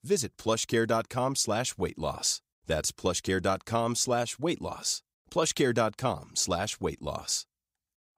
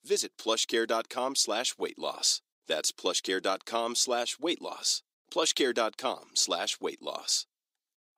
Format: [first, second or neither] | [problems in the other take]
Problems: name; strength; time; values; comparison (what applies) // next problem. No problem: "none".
first | thin; somewhat; fading below 300 Hz